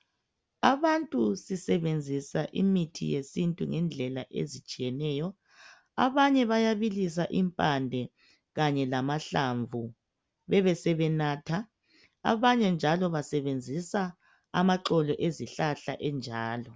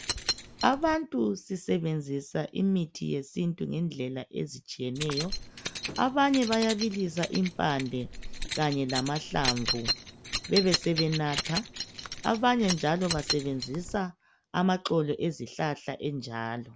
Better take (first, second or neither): first